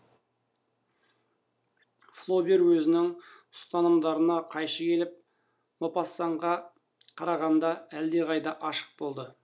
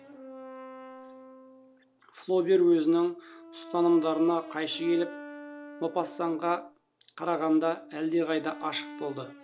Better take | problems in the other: first | background sound (Brass instrument); 16 dB below the speech

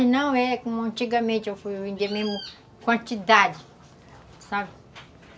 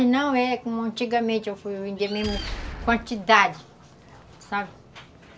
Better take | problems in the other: first | background sound (Boom); 13 dB below the speech

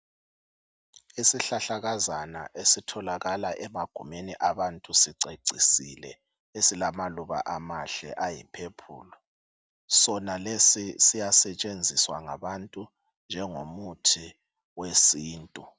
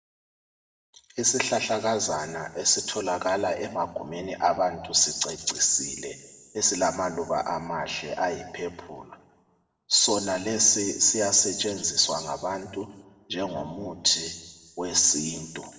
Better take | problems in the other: first | room echo; dies away in 1.1 s

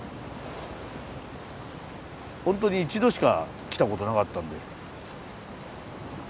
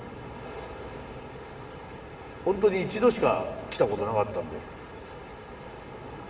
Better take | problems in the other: first | room echo; dies away in 1.9 s

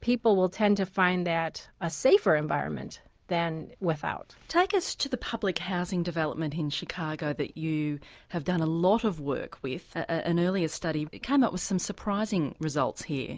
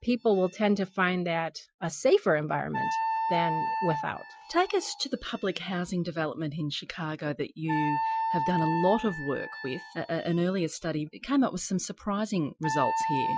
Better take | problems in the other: first | noise reduction (classical method Wiener filter)

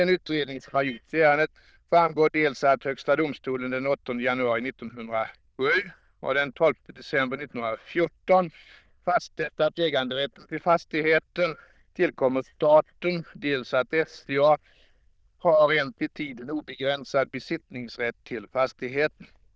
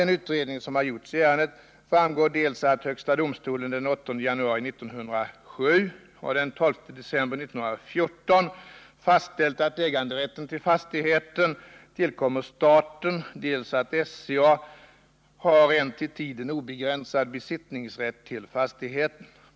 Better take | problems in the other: second | noise reduction (neural diffusion model UNIVERSE++)

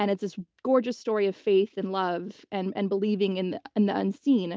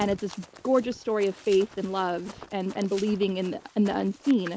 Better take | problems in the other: first | background sound (Run + Glass); 19 dB below the speech

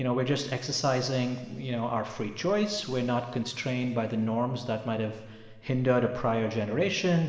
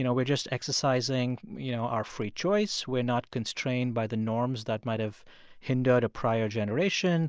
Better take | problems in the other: second | room echo; dies away in 1.7 s

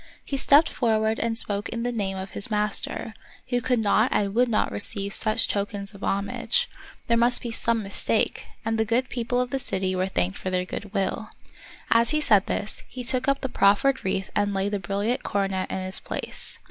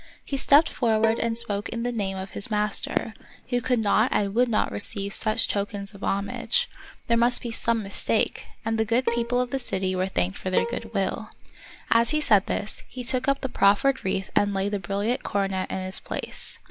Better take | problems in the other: first | background sound (Fireworks + Bowed string instrument); 9 dB below the speech

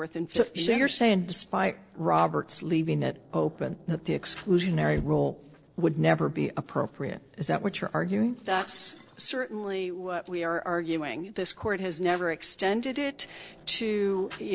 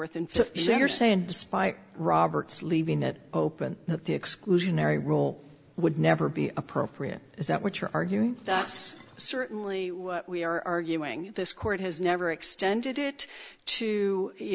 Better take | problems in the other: second | noise reduction (neural separator model SepFormer DNS4)

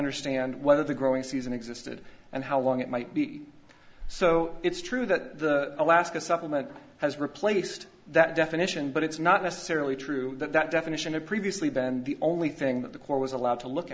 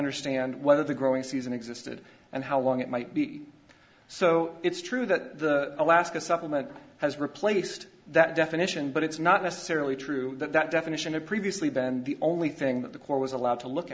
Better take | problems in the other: second | background sound (Dog); 20 dB below the speech

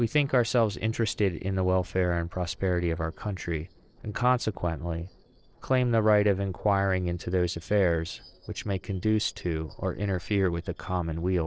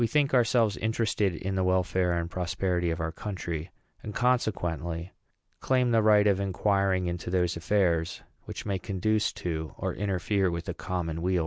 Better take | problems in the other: second | noise reduction (neural separator model SepFormer DNS4)

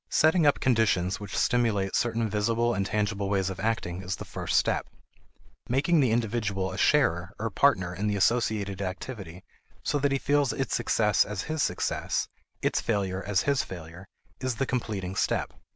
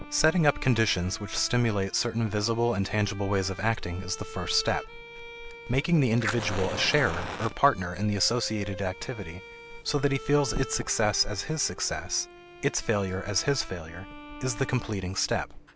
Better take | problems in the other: first | background sound (Fire + Bowed string instrument); 12 dB below the speech

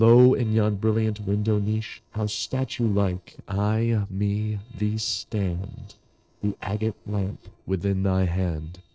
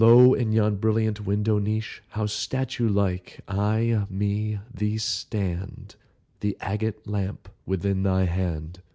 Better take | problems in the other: second | noise reduction (neural separator model SepFormer DNS4)

